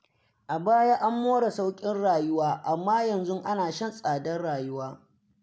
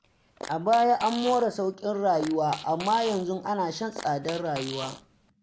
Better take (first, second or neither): first